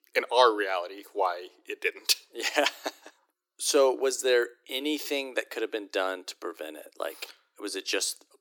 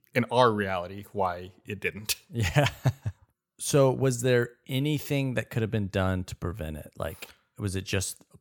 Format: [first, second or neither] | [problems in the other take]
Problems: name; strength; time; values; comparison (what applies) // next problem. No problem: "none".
second | thin; very; fading below 300 Hz